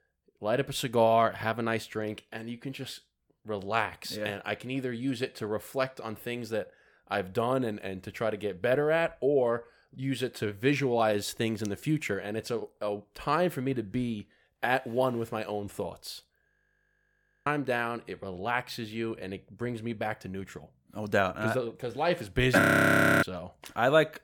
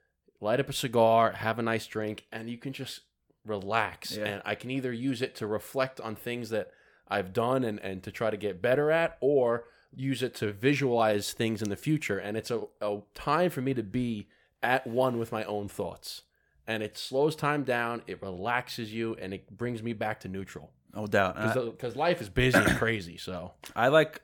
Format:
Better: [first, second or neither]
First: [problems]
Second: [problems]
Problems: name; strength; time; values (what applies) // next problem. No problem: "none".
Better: second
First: audio freezing; at 16 s for 1 s and at 23 s for 0.5 s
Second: none